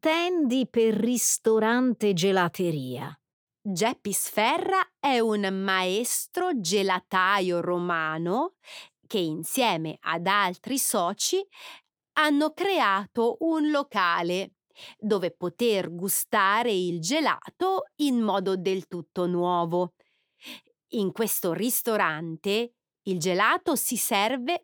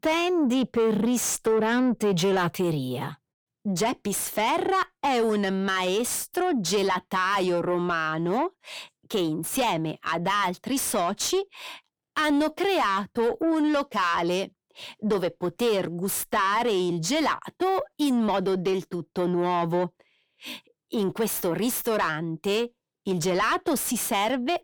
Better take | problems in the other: first | distortion; slight; 10 dB below the speech

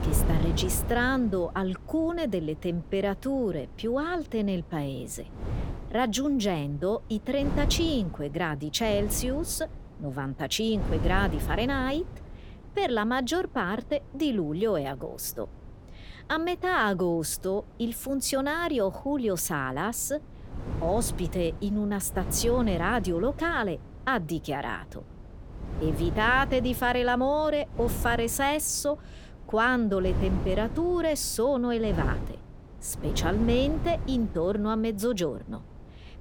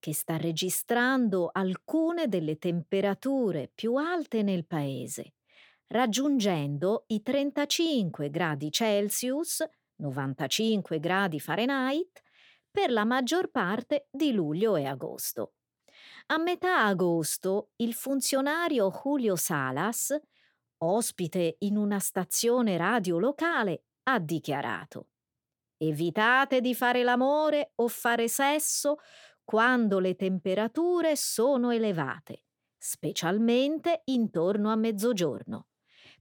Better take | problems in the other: second | wind noise on the microphone; occasional gusts; 15 dB below the speech

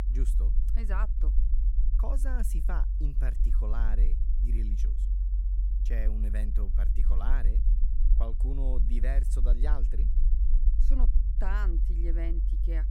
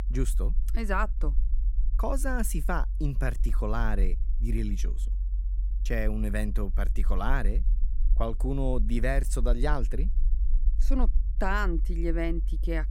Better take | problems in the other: second | low rumble; loud; throughout; 8 dB below the speech; faint in the second

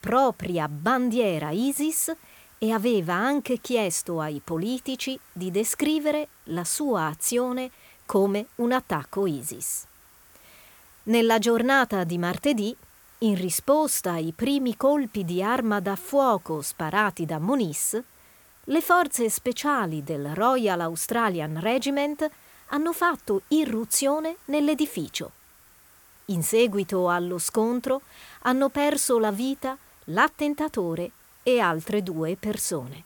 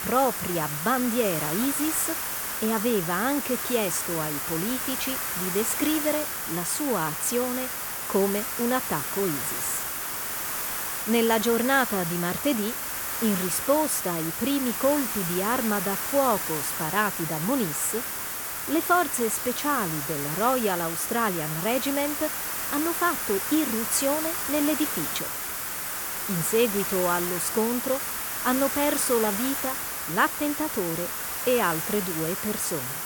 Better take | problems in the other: first | hiss; loud; throughout; 1 dB below the speech; faint in the first

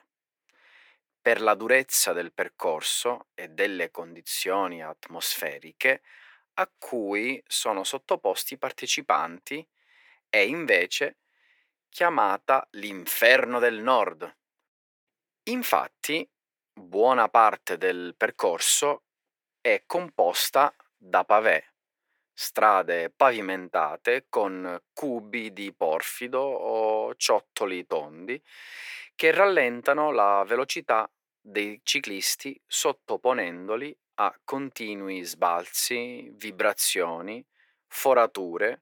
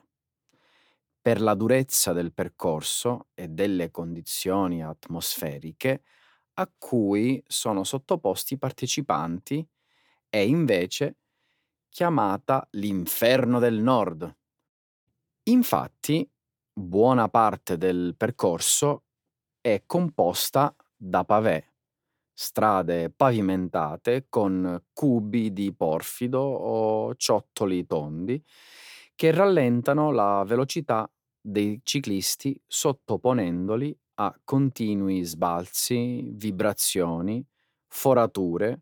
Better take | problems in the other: second | thin; somewhat; fading below 500 Hz

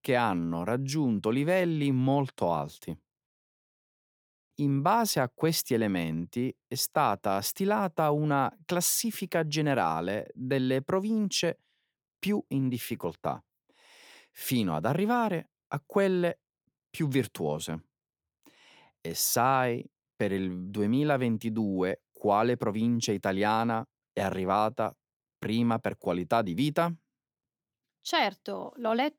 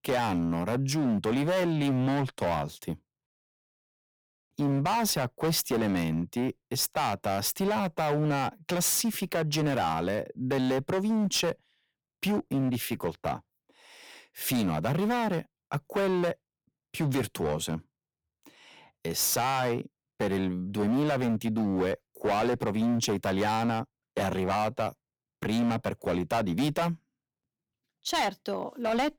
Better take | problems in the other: first | distortion; heavy; 14% of the sound clipped

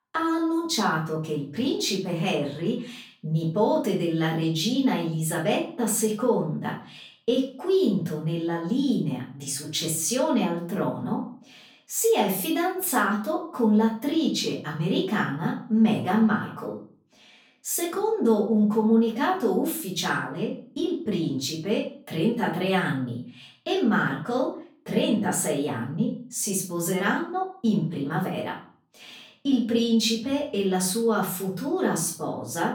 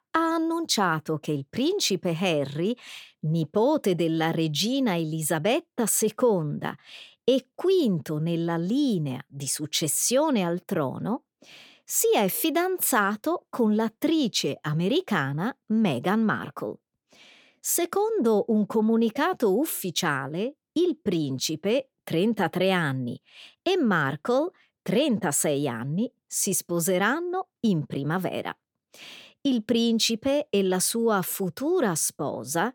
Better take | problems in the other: second | room echo; slight; dies away in 0.4 s // off-mic speech; far

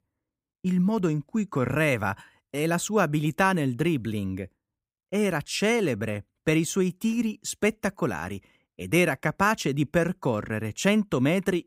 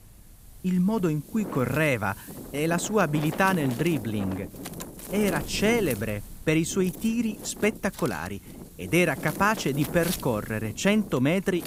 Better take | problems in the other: first | wind noise on the microphone; occasional gusts; 15 dB below the speech

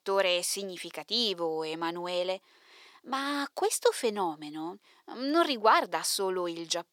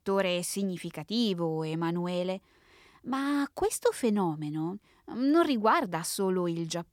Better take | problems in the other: second | thin; somewhat; fading below 500 Hz

